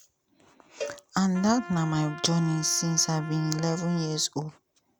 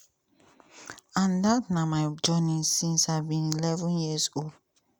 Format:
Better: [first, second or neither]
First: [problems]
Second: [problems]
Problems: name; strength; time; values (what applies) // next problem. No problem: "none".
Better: second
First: background sound (Trumpet + Cowbell); 14 dB below the speech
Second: none